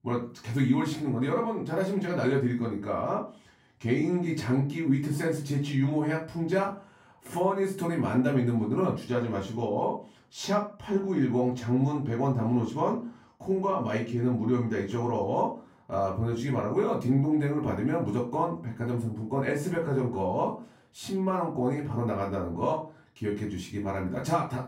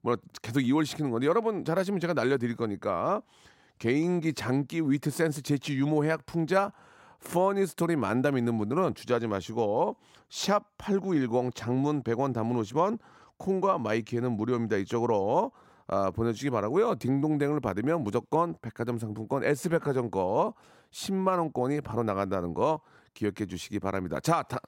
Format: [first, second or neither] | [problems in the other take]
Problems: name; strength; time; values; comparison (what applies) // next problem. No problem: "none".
second | off-mic speech; far // room echo; slight; dies away in 0.3 s